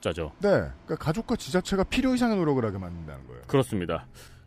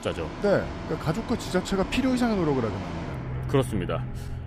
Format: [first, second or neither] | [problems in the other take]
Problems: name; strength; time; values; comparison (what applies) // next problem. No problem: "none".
first | traffic noise; loud; throughout; 8 dB below the speech; faint in the first